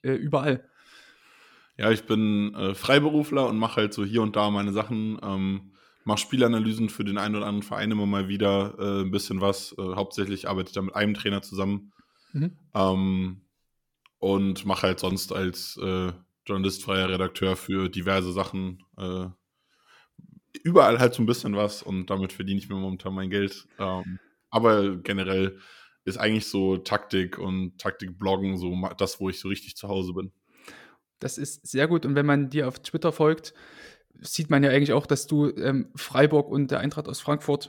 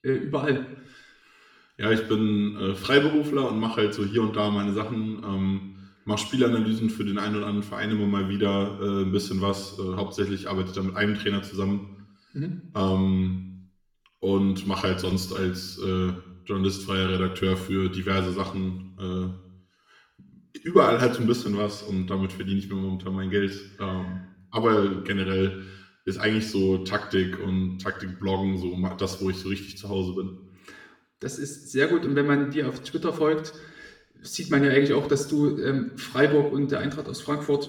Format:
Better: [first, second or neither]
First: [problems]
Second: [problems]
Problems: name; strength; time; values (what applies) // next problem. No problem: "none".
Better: first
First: none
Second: room echo; slight; dies away in 0.7 s // off-mic speech; somewhat distant